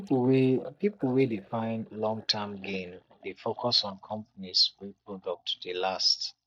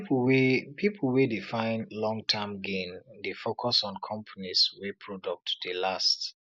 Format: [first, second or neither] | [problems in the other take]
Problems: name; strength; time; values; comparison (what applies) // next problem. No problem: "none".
second | noise reduction (neural mask model DeepFilterNet 3)